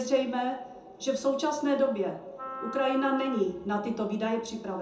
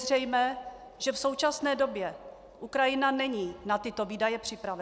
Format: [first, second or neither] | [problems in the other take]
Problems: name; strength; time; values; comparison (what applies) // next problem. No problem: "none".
second | background sound (Wind instrument, woodwind instrument); 11 dB below the speech // room echo; dies away in 0.5 s